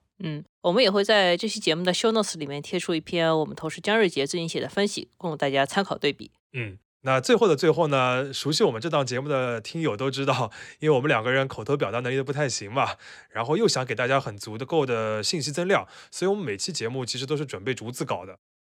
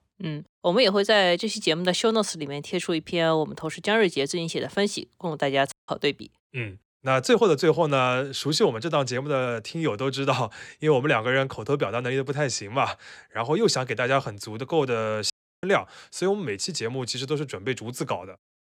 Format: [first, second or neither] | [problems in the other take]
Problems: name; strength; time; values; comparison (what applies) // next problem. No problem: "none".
first | audio cutting out; at 5.5 s and at 15 s